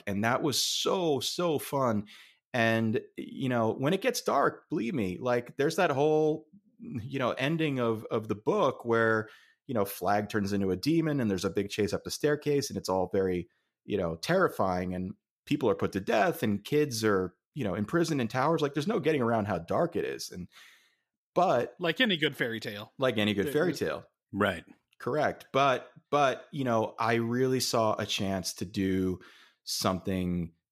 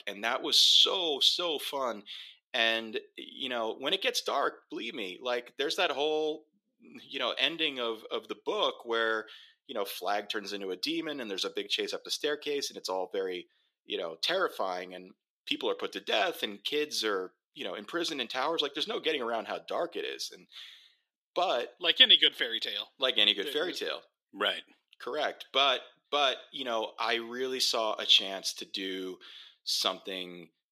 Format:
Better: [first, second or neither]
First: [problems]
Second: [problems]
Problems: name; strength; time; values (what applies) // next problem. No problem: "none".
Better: first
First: none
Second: thin; somewhat; fading below 350 Hz